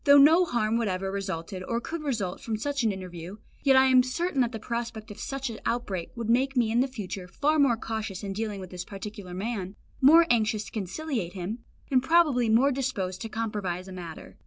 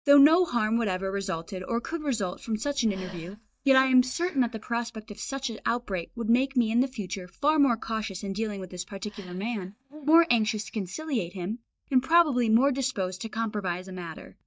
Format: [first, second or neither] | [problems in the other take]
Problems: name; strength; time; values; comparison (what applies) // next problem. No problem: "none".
first | noise reduction (neural mask model DeepFilterNet 3)